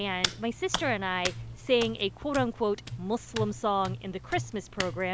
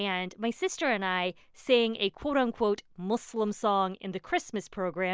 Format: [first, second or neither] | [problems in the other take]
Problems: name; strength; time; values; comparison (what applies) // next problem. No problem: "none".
second | background sound (Hands); 7 dB below the speech